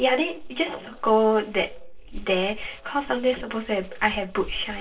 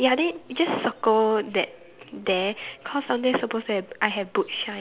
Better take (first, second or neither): second